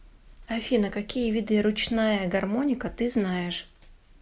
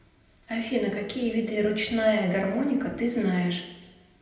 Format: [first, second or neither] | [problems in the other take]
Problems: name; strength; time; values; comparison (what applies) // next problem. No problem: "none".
first | room echo; dies away in 0.8 s